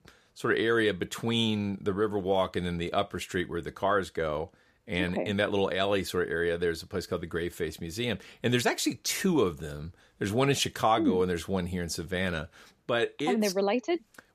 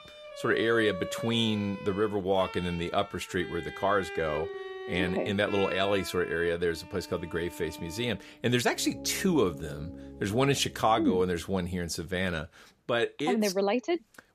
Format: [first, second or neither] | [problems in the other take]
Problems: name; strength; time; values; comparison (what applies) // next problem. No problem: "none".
first | background music; noticeable; until 11 s; 15 dB below the speech